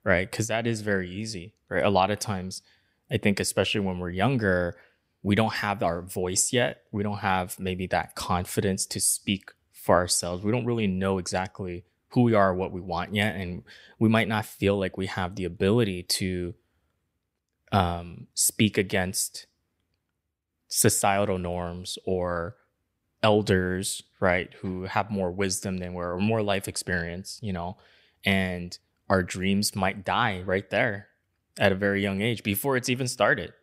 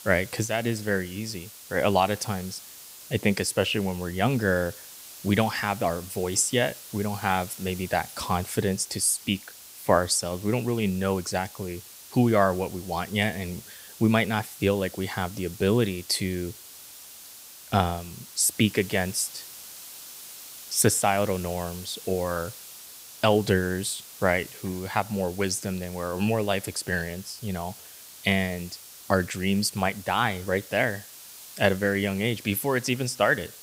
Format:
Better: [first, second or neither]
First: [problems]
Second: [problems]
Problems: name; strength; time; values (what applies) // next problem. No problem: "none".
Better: first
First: none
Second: hiss; noticeable; throughout; 15 dB below the speech